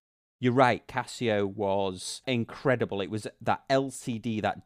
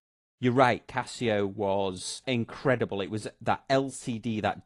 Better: first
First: none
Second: garbled, watery; slightly

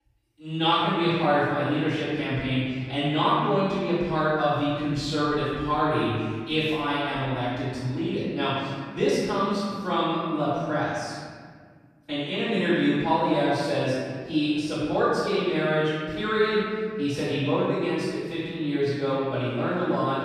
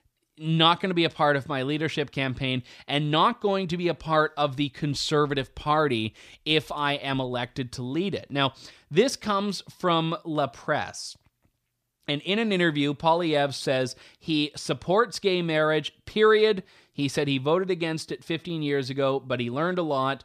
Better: second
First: off-mic speech; far // room echo; strong; dies away in 1.9 s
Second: none

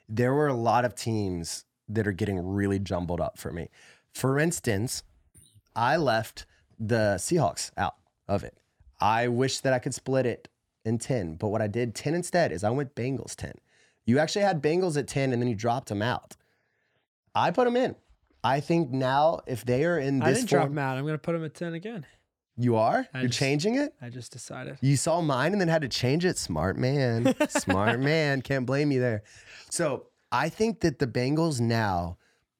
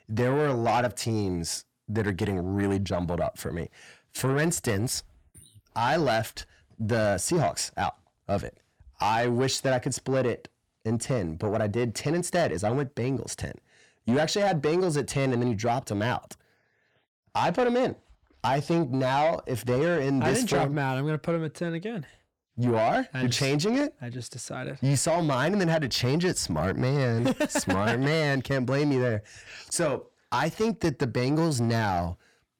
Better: first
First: none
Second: distortion; slight; 10 dB below the speech

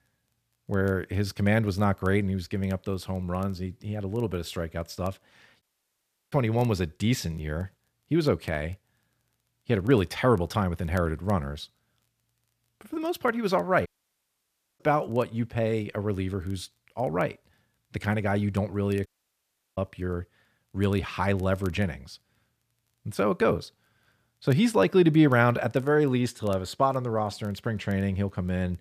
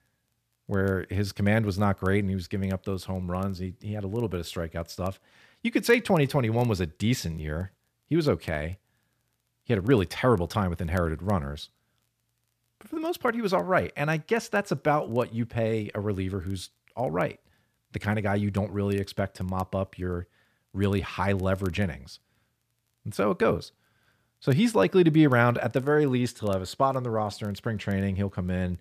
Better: second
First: audio cutting out; at 5.5 s for 0.5 s, at 14 s for 1 s and at 19 s for 0.5 s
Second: none

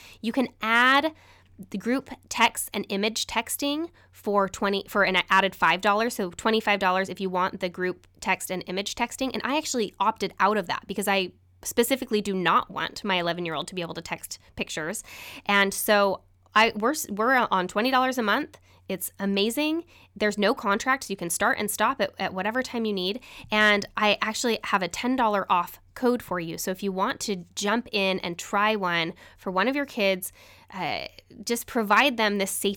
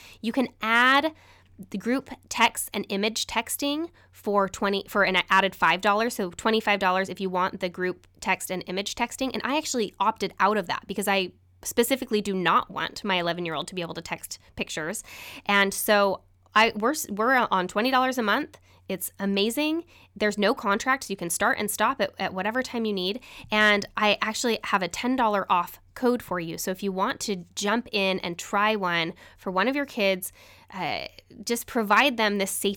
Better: neither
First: none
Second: none

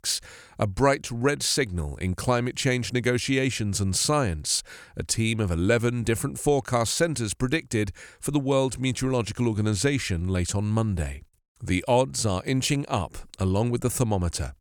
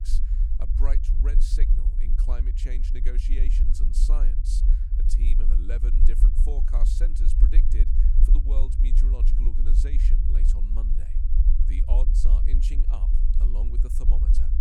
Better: first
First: none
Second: low rumble; loud; throughout; 2 dB below the speech

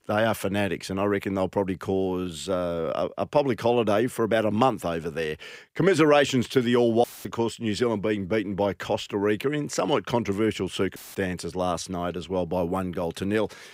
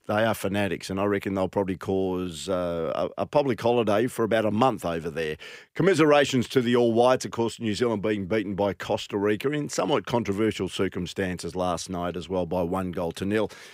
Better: second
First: audio cutting out; filled with static; at 7 s and at 11 s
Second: none

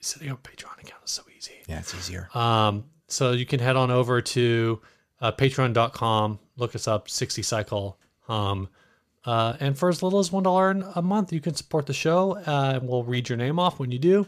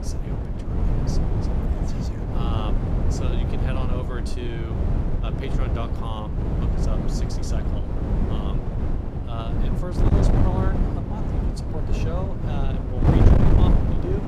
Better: first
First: none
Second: wind noise on the microphone; heavy; 4 dB above the speech

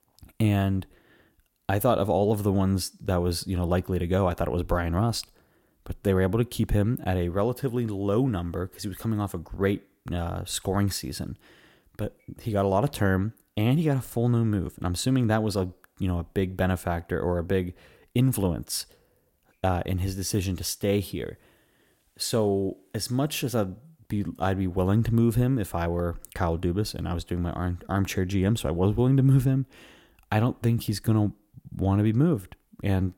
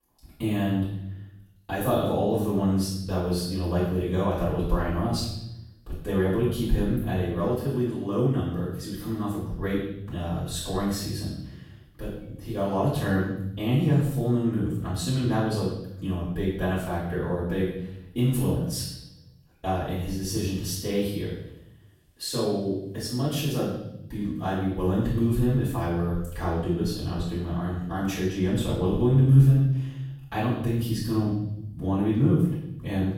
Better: first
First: none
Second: off-mic speech; far // room echo; noticeable; dies away in 0.8 s

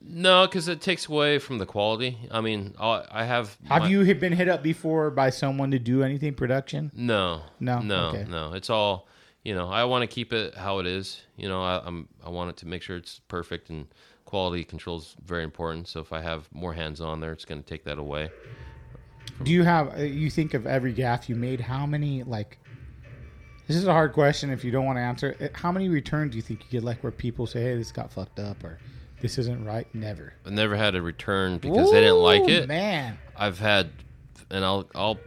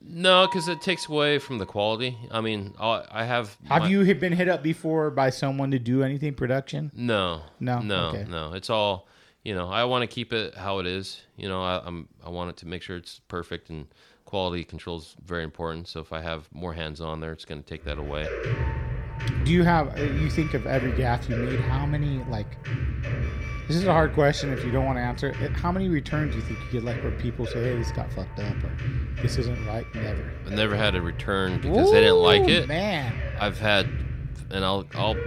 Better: first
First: background music; faint; throughout; 25 dB below the speech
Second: background music; loud; throughout; 7 dB below the speech

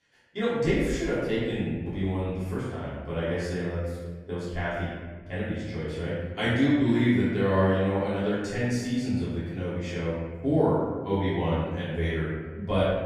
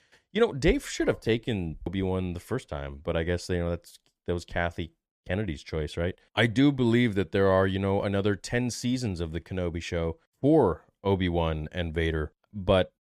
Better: second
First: room echo; strong; dies away in 1.3 s // off-mic speech; far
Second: none

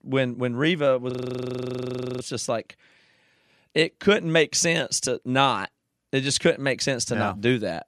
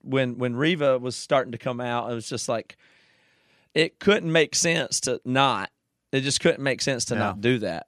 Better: second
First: audio freezing; at 1 s for 1 s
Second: none

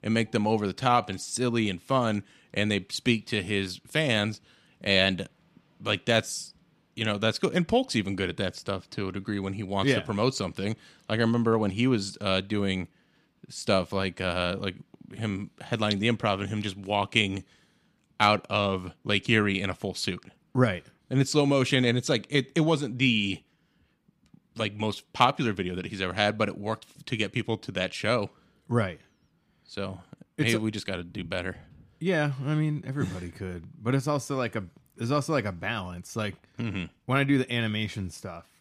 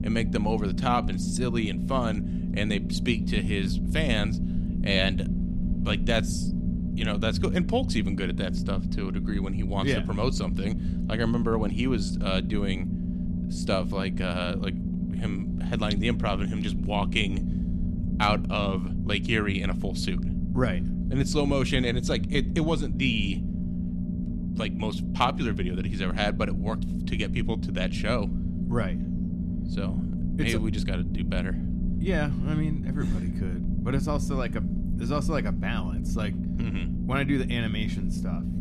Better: first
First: none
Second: low rumble; loud; throughout; 8 dB below the speech

